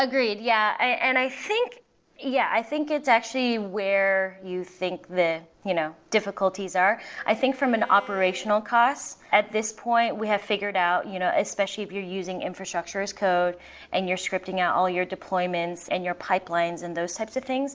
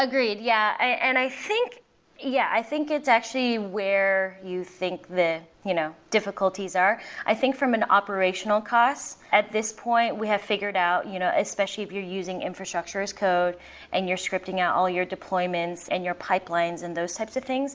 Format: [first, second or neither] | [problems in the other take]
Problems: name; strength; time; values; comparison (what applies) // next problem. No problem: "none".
second | noise reduction (neural separator model SepFormer DNS4)